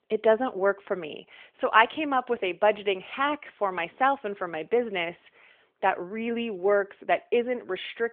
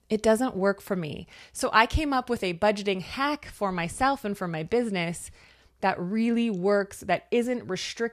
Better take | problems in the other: second | phone-call audio

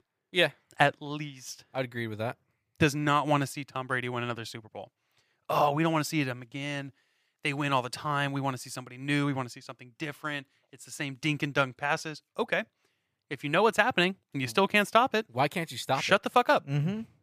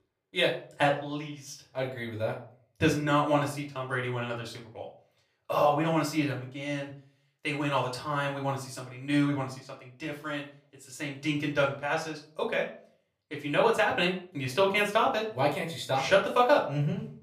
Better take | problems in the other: first | off-mic speech; far // room echo; slight; dies away in 0.4 s

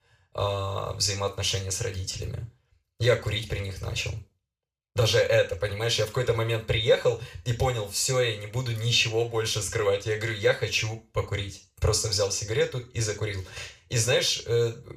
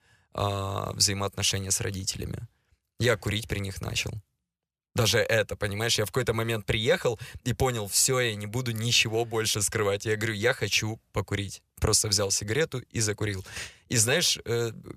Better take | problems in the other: second | room echo; very slight; dies away in 0.3 s // off-mic speech; somewhat distant

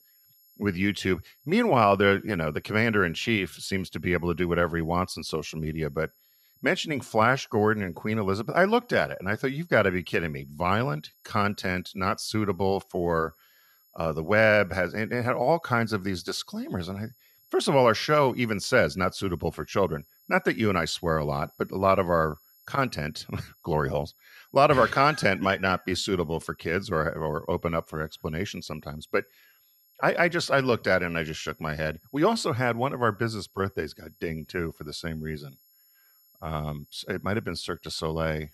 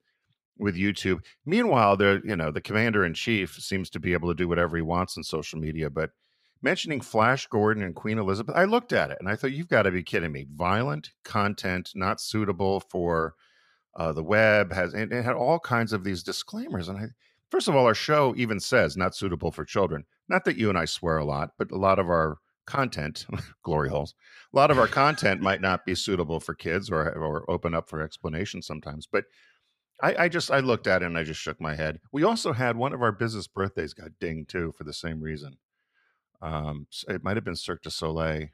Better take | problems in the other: second | high-pitched whine; faint; throughout; 11.5 kHz, 30 dB below the speech

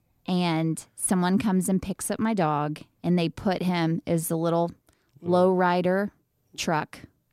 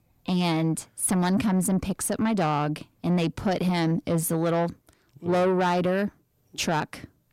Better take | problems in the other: first | distortion; slight; 10 dB below the speech

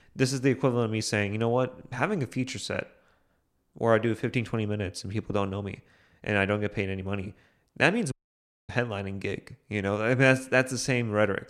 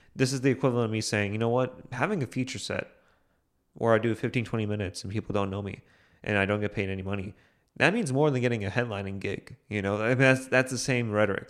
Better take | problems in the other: second | audio cutting out; at 8 s for 0.5 s

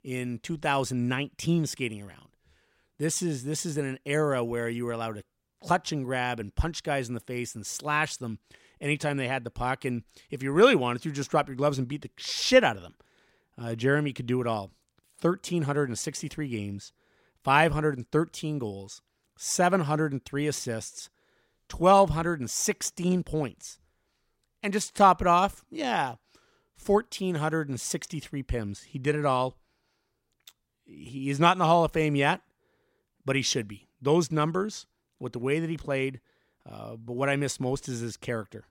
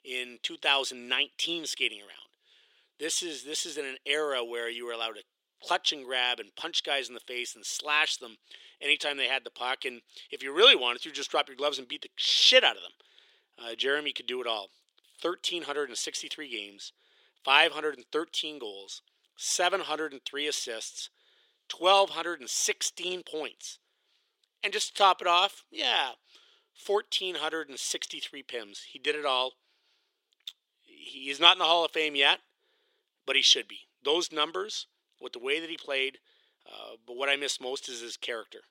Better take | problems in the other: first | thin; very; fading below 400 Hz

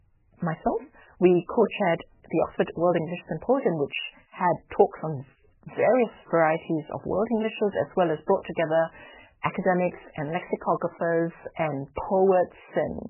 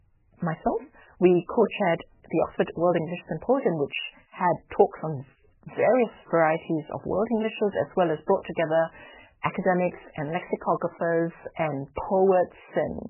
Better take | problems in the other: neither | garbled, watery; badly; nothing above 3 kHz; the same in both

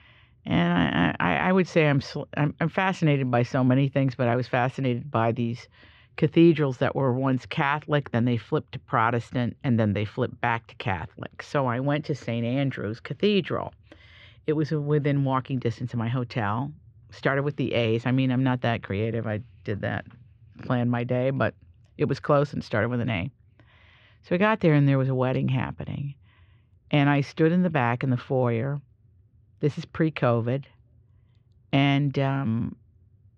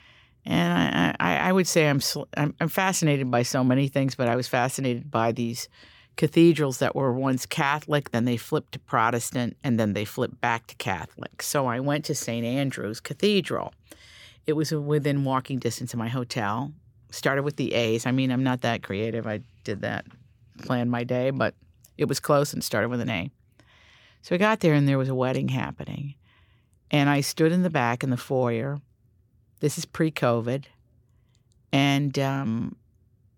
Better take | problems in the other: second | muffled; slightly; fading above 3.5 kHz

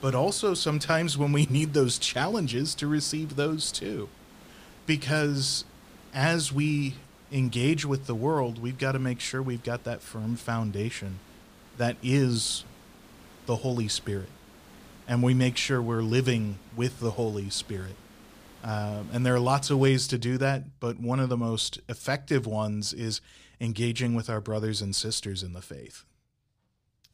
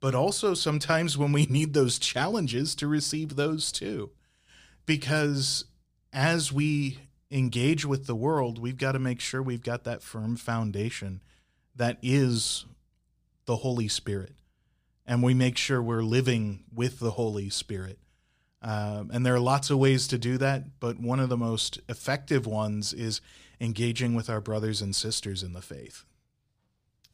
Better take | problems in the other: second | hiss; faint; until 20 s; 25 dB below the speech

